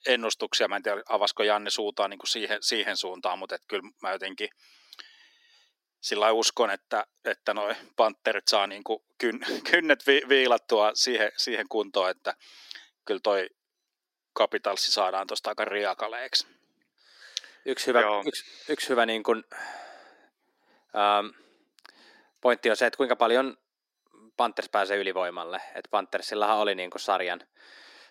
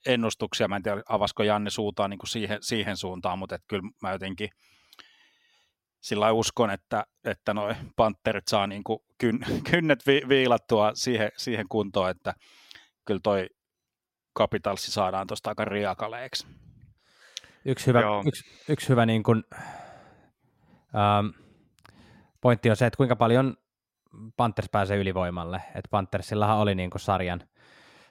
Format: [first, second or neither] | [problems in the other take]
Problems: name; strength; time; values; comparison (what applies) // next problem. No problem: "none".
second | thin; somewhat; fading below 300 Hz